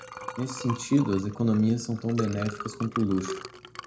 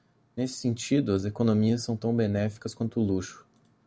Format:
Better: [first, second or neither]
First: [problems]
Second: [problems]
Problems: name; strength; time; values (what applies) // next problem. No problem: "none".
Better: second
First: background sound (Liquid); 11 dB below the speech // room echo; dies away in 0.4 s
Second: none